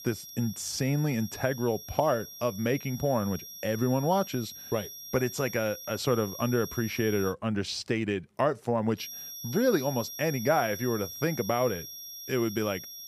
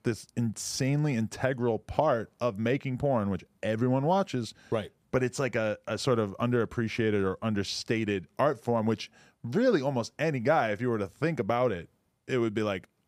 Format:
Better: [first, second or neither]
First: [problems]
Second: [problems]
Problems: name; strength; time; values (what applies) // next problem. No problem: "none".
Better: second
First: high-pitched whine; noticeable; until 7.5 s and from 9 s on; 5.5 kHz, 10 dB below the speech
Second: none